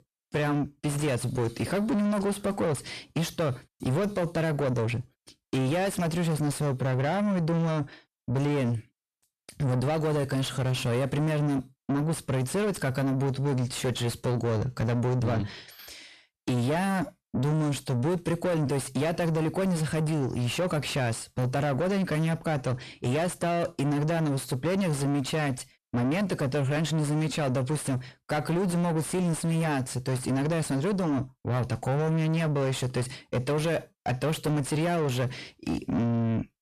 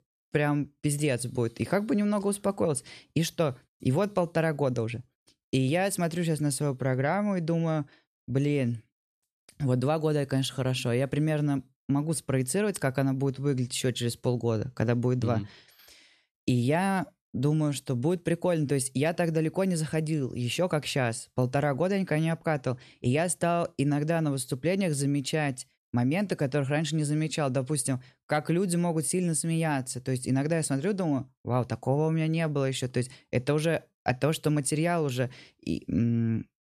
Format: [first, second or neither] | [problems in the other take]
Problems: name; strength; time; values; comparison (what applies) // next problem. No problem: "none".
second | distortion; heavy; 7 dB below the speech